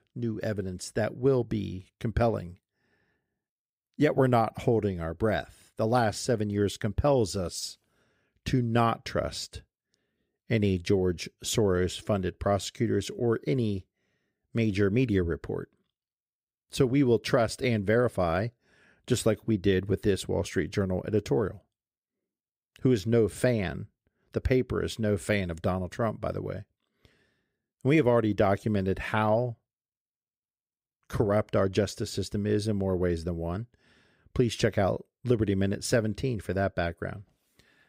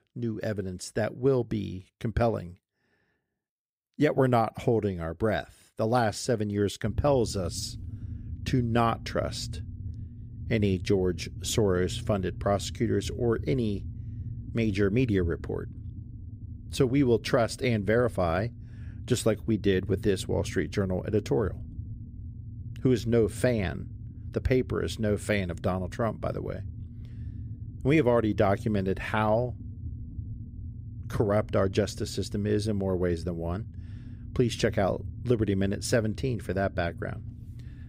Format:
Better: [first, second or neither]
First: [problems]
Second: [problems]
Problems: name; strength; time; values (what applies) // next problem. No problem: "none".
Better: first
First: none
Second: low rumble; faint; from 7 s on; 25 dB below the speech